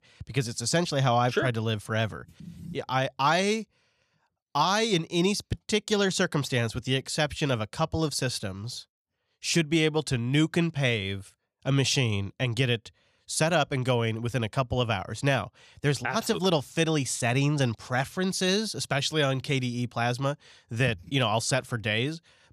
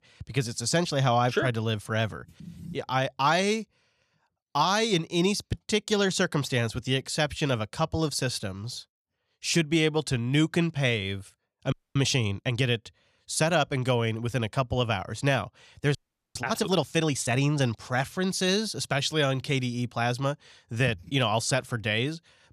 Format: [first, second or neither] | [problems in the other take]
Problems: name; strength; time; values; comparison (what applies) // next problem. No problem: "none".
first | audio freezing; at 12 s and at 16 s